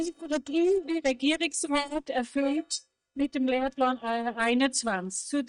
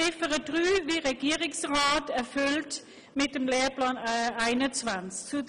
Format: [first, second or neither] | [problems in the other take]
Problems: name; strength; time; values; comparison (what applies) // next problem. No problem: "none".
second | noise reduction (neural mask model DeepFilterNet 3)